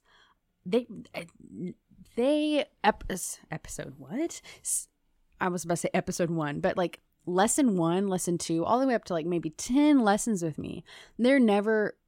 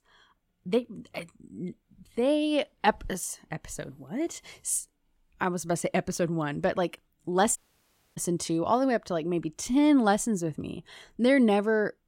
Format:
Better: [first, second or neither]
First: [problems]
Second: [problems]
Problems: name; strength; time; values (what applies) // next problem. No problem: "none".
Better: first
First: none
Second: audio cutting out; at 7.5 s for 0.5 s